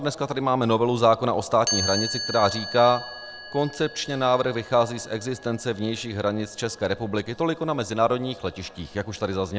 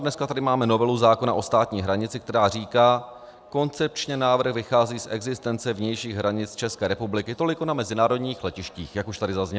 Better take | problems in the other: second | background sound (Chime); 12 dB below the speech

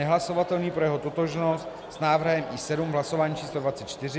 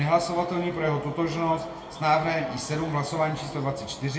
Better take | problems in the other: first | room echo; dies away in 0.6 s

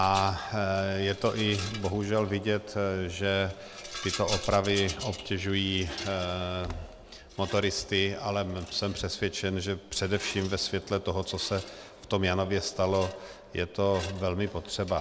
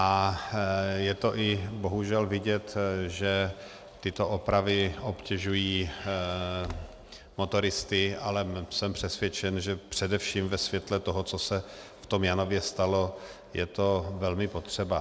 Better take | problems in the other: second | background sound (Rattle); 15 dB below the speech

